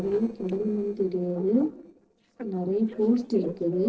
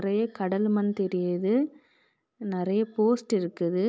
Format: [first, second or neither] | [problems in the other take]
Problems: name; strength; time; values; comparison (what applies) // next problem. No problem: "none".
second | noise reduction (neural separator model SepFormer DNS4)